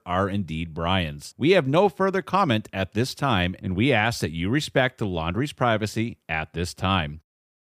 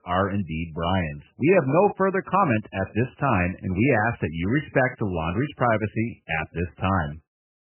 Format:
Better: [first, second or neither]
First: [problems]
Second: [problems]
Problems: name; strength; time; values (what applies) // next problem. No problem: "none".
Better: first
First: none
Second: garbled, watery; badly; nothing above 3 kHz